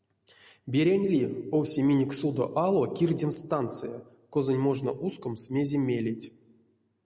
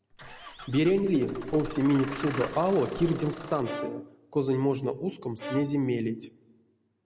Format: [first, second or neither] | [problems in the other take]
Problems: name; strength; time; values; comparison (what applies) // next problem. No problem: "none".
first | background sound (Engine starting / Bus + Bowed string instrument); 13 dB below the speech